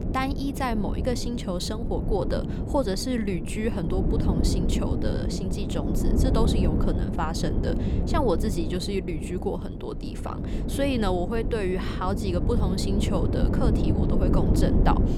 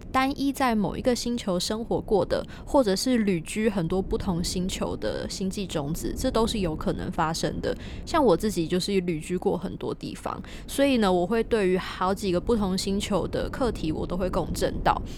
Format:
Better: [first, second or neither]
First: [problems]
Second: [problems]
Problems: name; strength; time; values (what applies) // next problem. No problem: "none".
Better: second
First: wind noise on the microphone; heavy; 4 dB below the speech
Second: wind noise on the microphone; occasional gusts; 20 dB below the speech